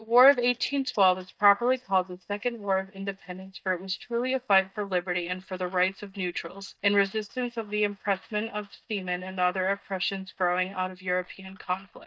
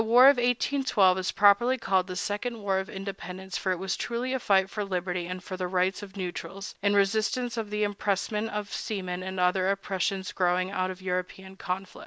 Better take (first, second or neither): second